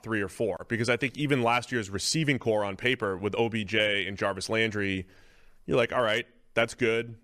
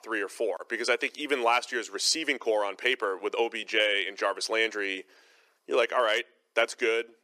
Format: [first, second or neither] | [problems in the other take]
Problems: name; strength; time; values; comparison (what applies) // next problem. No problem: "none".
first | thin; somewhat; fading below 350 Hz